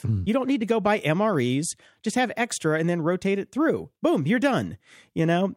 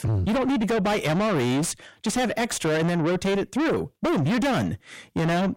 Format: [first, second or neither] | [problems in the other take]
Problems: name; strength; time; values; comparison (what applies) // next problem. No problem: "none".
first | distortion; heavy; 5 dB below the speech